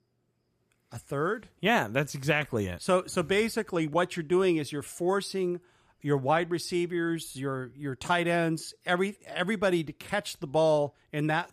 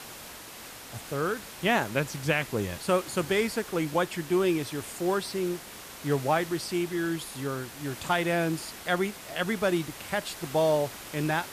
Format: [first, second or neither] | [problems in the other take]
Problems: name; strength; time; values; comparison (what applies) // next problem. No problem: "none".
first | hiss; noticeable; throughout; 10 dB below the speech